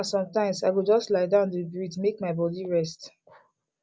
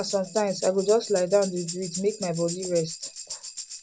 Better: first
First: none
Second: background sound (Tambourine); 11 dB below the speech

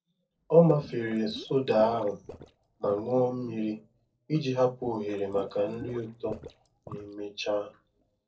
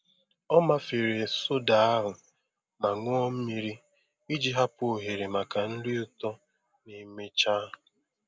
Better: second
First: noise reduction (neural separator model SepFormer DNS4)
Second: none

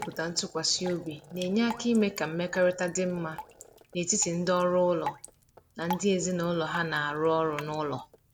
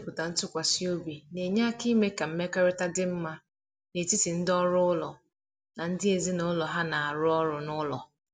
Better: second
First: background sound (Drip); 15 dB below the speech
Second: none

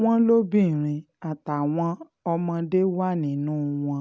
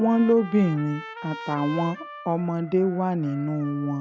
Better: first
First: none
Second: background sound (Trumpet); 15 dB below the speech

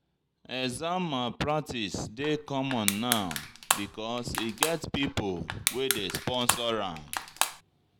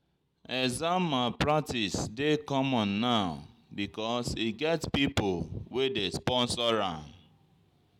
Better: second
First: background sound (Crushing); 1 dB below the speech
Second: none

